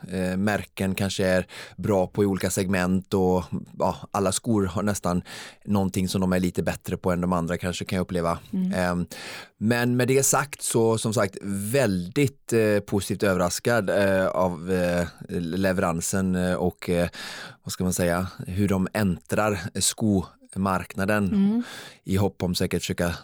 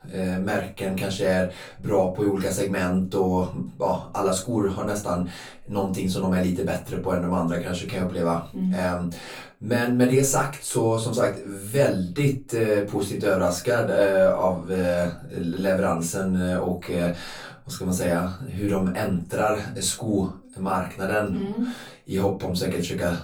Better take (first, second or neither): first